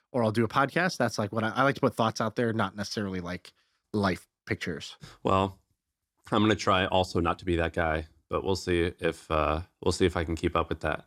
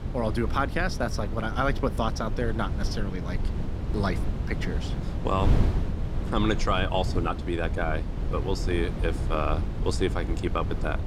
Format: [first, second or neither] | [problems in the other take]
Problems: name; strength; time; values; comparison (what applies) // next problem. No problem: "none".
first | wind noise on the microphone; occasional gusts; 10 dB below the speech